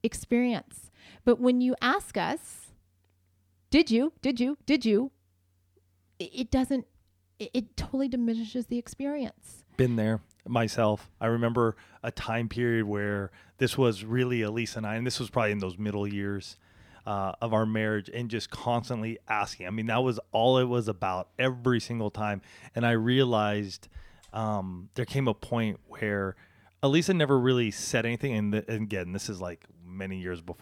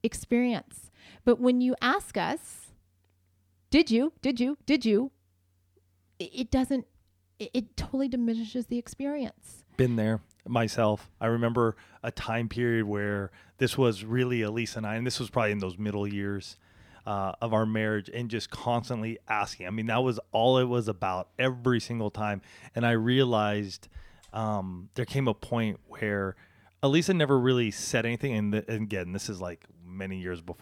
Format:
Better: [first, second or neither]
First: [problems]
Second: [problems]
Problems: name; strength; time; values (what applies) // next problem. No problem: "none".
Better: neither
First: none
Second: none